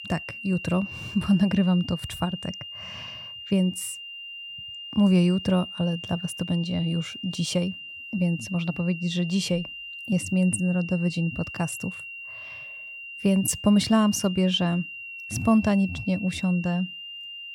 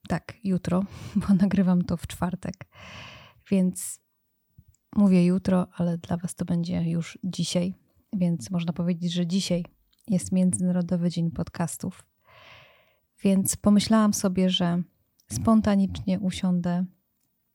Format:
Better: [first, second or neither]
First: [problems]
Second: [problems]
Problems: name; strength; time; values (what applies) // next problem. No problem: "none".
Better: second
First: high-pitched whine; noticeable; throughout; 3 kHz, 10 dB below the speech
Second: none